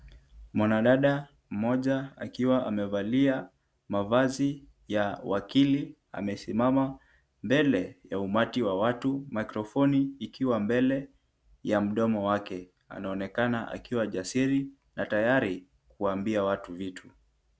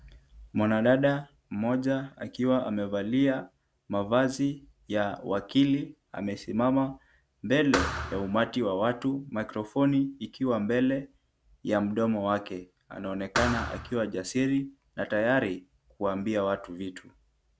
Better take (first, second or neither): first